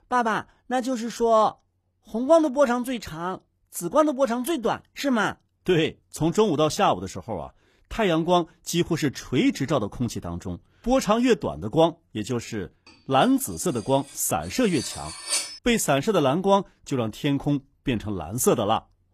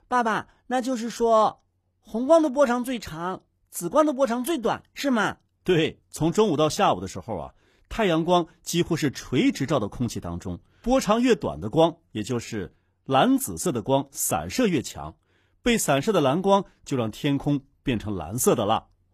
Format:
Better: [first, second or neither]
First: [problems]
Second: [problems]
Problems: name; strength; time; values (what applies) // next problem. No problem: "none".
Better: second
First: clattering dishes; noticeable; at 15 s; peak 2 dB below the speech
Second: none